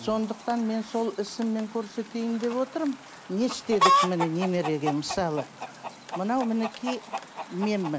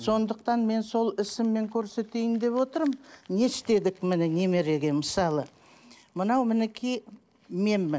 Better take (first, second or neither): second